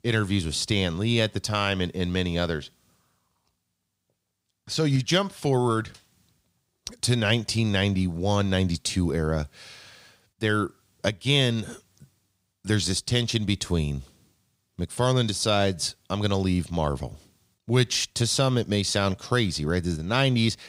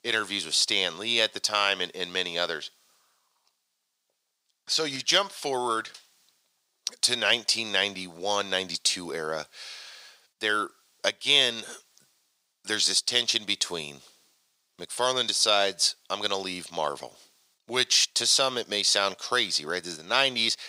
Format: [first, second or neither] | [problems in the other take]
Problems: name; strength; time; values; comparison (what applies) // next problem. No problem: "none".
first | thin; very; fading below 550 Hz